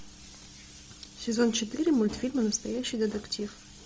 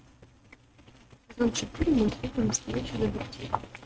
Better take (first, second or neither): first